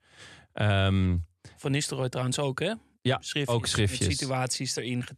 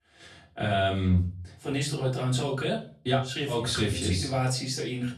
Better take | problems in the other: first | room echo; slight; dies away in 0.3 s // off-mic speech; far

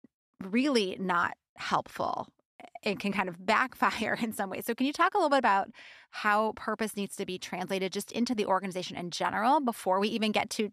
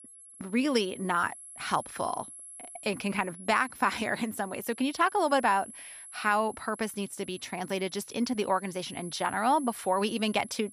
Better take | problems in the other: first | high-pitched whine; noticeable; throughout; 11 kHz, 15 dB below the speech

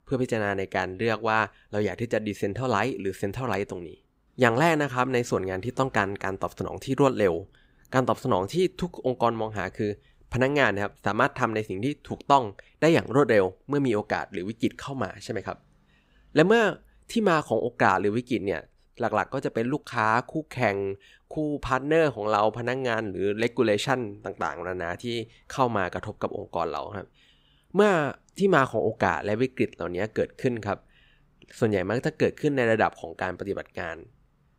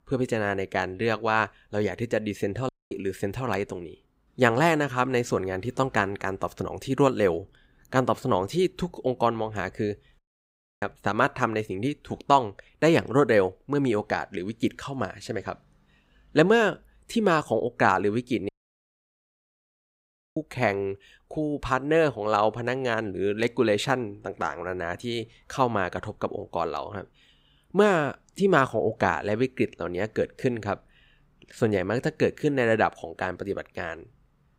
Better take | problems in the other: first | audio cutting out; at 2.5 s, at 10 s for 0.5 s and at 18 s for 2 s

